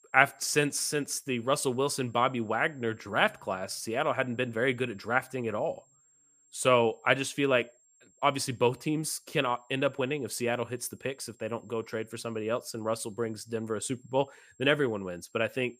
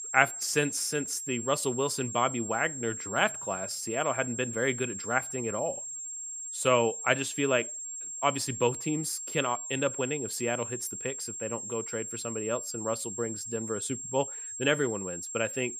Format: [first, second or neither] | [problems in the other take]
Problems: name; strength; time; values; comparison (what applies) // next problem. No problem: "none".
first | high-pitched whine; loud; throughout; 7.5 kHz, 5 dB below the speech; faint in the first